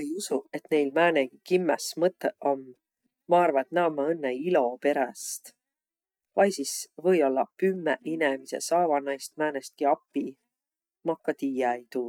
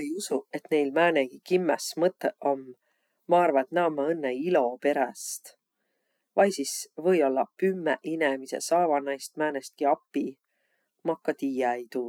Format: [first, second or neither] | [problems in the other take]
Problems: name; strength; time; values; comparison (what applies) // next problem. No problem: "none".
second | noise reduction (neural mask model DeepFilterNet 3)